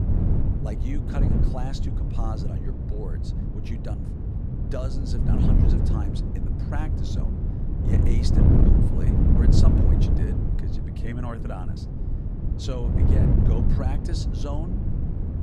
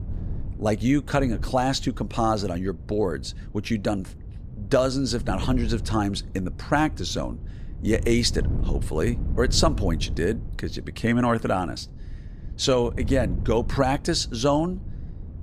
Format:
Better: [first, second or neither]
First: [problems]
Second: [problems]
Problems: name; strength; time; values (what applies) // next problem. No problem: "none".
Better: second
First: wind noise on the microphone; heavy; 3 dB above the speech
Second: wind noise on the microphone; occasional gusts; 20 dB below the speech